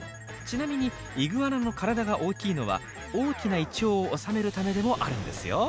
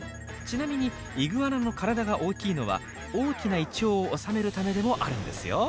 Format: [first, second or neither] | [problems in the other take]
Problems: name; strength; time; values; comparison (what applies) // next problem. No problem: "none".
first | background sound (Brass instrument); 20 dB below the speech